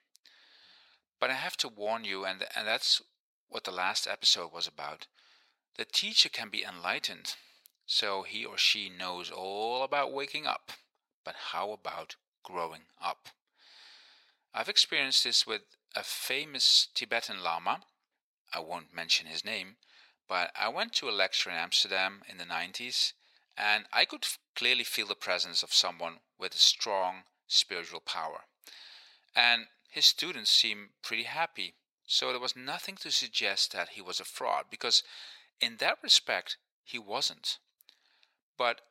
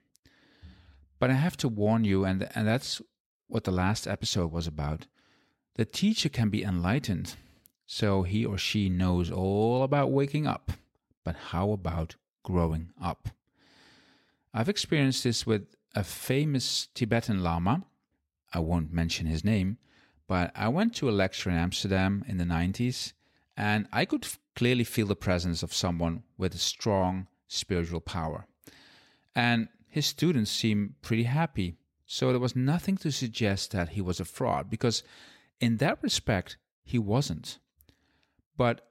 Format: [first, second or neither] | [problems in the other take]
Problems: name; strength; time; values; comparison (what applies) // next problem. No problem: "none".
second | thin; very; fading below 850 Hz